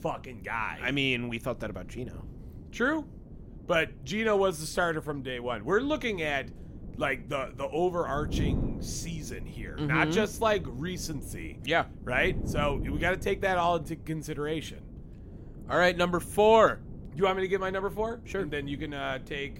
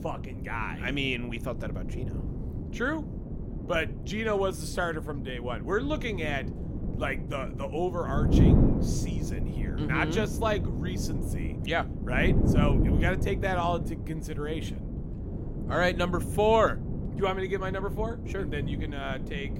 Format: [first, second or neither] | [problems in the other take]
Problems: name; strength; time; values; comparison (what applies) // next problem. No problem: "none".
first | wind noise on the microphone; heavy; 9 dB below the speech; occasional gusts in the first